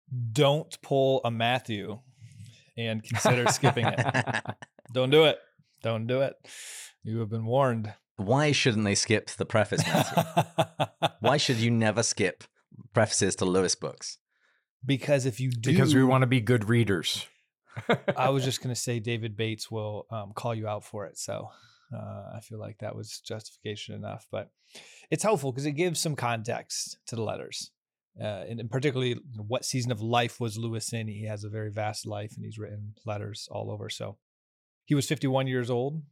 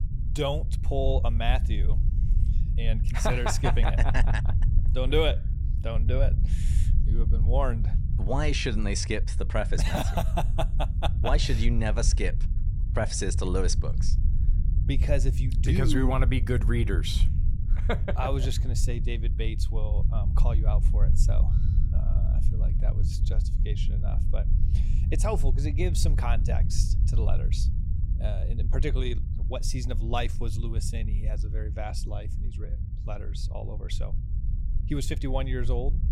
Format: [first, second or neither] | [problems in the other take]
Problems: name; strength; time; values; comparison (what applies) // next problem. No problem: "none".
first | low rumble; noticeable; throughout; 10 dB below the speech